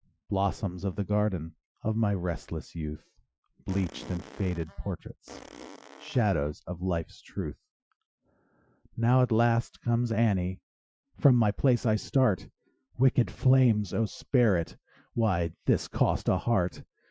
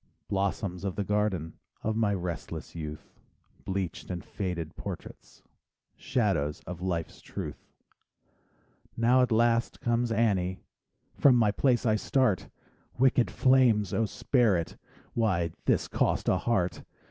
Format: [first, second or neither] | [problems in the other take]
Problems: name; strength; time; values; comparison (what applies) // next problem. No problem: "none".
second | noise reduction (classical method Wiener filter)